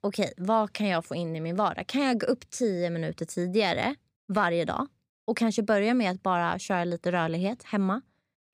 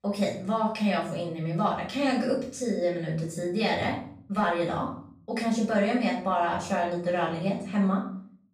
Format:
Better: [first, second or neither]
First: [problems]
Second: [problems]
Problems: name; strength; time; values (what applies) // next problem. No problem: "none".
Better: first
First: none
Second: off-mic speech; far // room echo; noticeable; dies away in 0.6 s